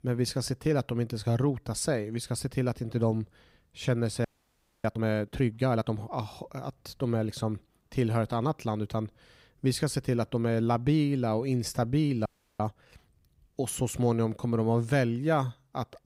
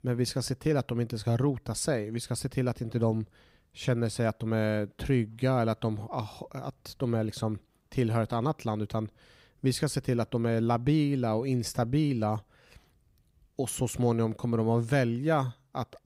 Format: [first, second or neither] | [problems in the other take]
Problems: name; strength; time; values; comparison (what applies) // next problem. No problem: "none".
second | audio freezing; at 4.5 s for 0.5 s and at 12 s